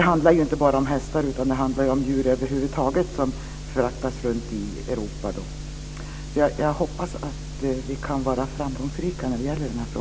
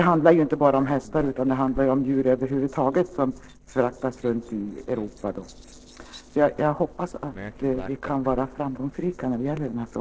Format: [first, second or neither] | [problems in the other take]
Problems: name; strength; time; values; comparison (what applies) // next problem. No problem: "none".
first | noise reduction (neural separator model SepFormer DNS4)